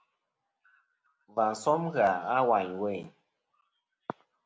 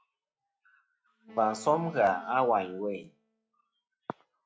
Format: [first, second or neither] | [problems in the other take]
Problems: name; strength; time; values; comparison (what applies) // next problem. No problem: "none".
first | noise reduction (classical method log-MMSE)